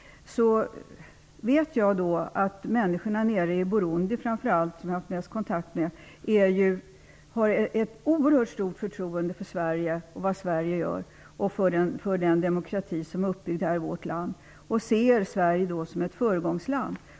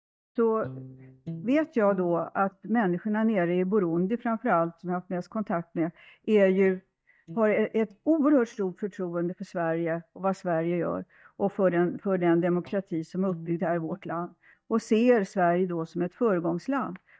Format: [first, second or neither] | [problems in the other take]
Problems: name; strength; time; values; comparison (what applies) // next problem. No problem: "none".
first | noise reduction (neural mask model DeepFilterNet 3)